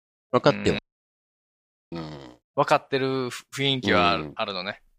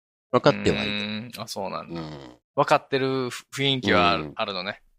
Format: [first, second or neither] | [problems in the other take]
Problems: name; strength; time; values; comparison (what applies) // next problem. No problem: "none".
second | audio cutting out; at 1 s for 1 s